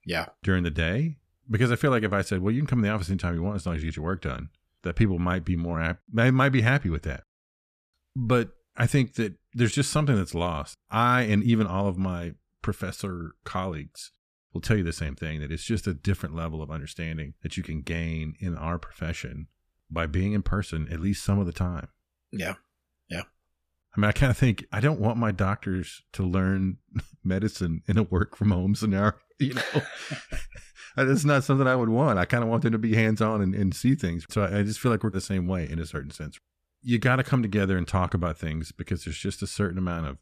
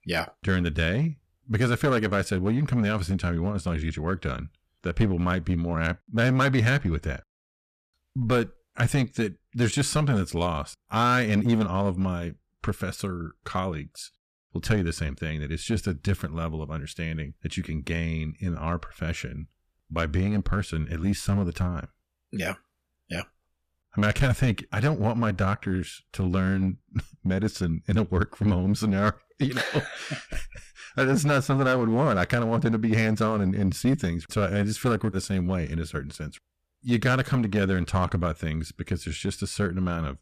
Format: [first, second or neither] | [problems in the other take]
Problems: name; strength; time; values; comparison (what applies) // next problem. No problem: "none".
first | distortion; slight; 5% of the sound clipped